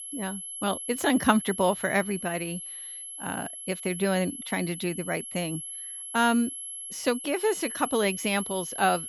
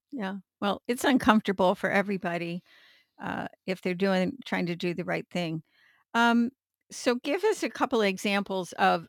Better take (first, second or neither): second